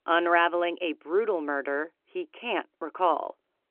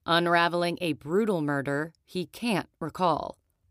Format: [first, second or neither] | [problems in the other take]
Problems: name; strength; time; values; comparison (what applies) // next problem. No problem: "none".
second | phone-call audio; nothing above 3 kHz